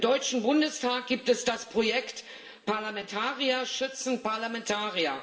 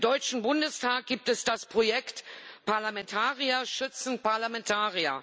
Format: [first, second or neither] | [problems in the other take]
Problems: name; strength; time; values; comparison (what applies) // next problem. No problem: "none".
second | room echo; dies away in 1.9 s